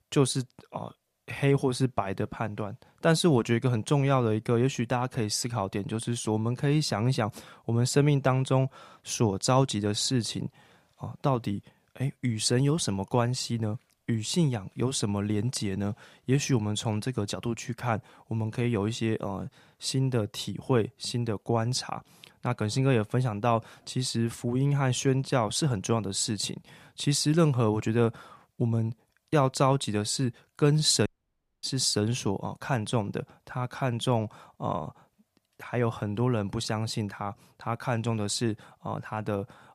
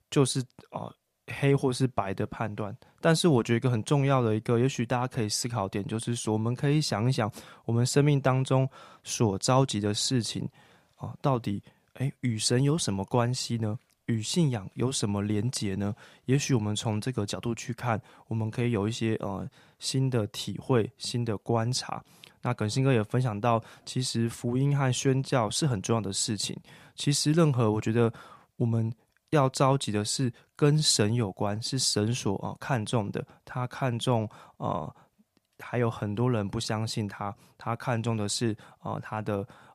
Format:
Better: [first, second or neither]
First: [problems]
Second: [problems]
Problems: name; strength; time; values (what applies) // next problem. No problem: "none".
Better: second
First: audio cutting out; at 31 s for 0.5 s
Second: none